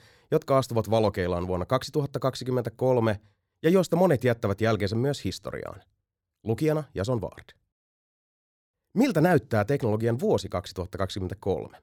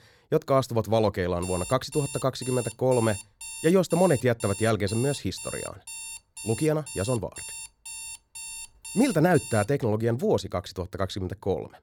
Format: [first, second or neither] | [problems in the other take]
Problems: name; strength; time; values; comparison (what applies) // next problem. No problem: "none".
first | alarm; noticeable; from 1.5 to 9.5 s; peak 10 dB below the speech